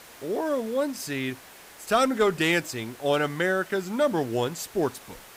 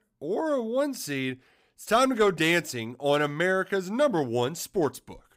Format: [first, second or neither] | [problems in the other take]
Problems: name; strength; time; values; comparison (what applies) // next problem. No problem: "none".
second | hiss; noticeable; throughout; 20 dB below the speech